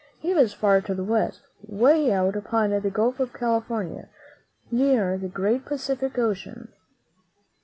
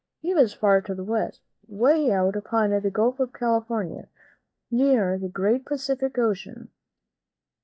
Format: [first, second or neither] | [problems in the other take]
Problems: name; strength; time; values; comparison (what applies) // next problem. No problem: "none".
first | noise reduction (neural mask model DeepFilterNet 3)